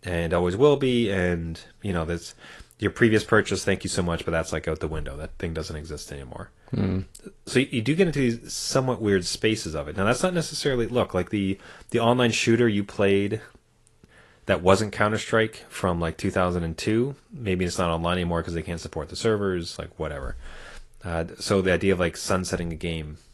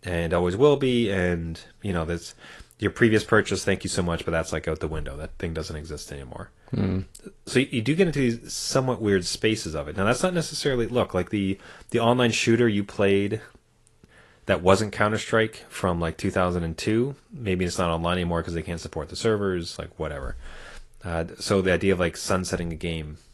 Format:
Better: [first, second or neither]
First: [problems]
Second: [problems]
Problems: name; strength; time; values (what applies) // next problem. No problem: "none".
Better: neither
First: garbled, watery; slightly; nothing above 11.5 kHz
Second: garbled, watery; slightly; nothing above 11.5 kHz